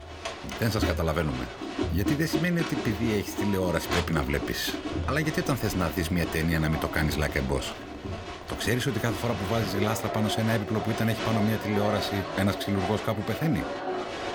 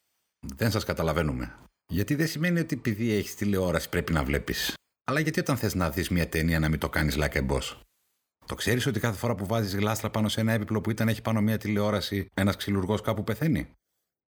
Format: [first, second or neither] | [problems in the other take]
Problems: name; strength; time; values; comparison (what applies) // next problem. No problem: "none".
second | crowd noise; loud; throughout; 5 dB below the speech